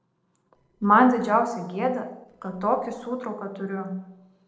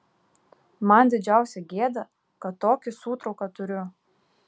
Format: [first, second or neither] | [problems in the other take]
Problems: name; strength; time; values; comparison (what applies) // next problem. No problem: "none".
second | noise reduction (neural separator model SepFormer DNS4)